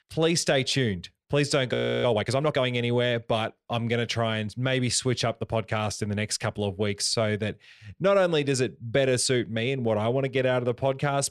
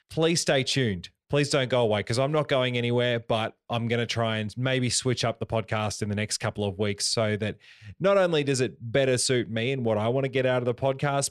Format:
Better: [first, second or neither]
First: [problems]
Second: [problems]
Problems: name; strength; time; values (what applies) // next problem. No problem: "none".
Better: second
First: audio freezing; at 1.5 s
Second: none